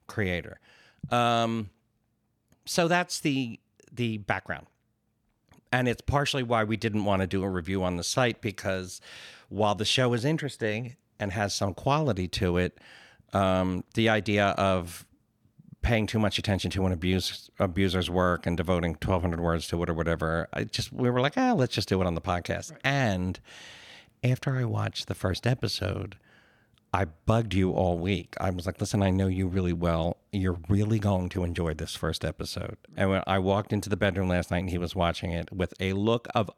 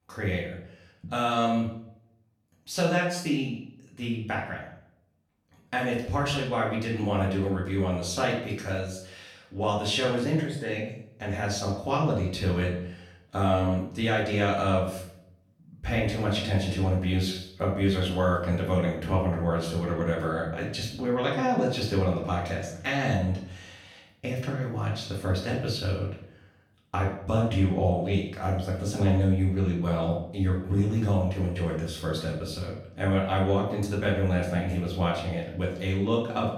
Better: first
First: none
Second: room echo; noticeable; dies away in 0.6 s // off-mic speech; far

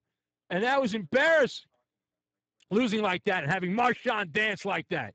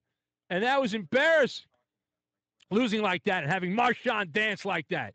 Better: second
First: garbled, watery; badly; nothing above 7.5 kHz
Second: garbled, watery; slightly; nothing above 8 kHz

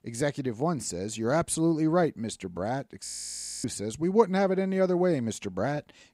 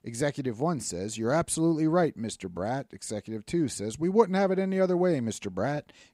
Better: second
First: audio freezing; at 3 s for 0.5 s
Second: none

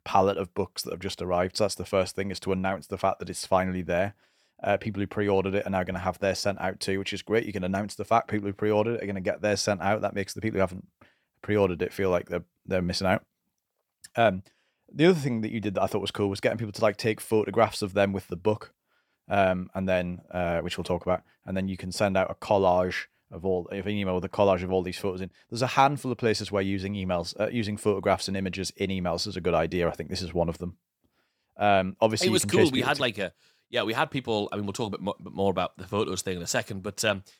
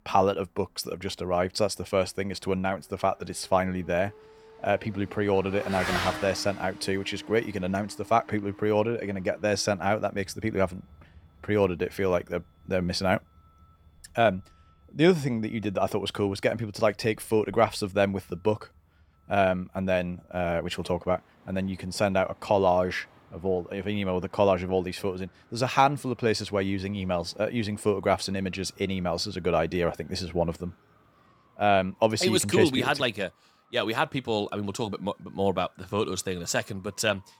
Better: first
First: none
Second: traffic noise; noticeable; throughout; 15 dB below the speech

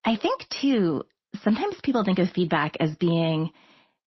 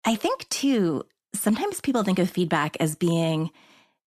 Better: second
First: garbled, watery; slightly; nothing above 5.5 kHz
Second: none

